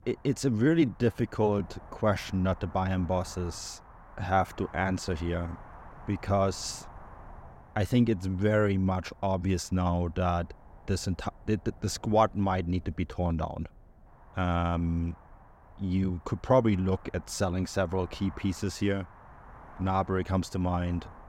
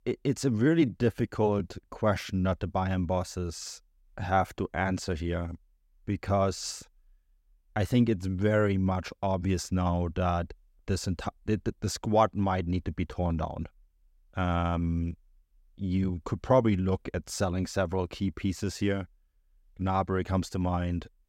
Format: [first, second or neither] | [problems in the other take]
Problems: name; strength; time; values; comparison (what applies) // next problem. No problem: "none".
second | wind noise on the microphone; occasional gusts; 20 dB below the speech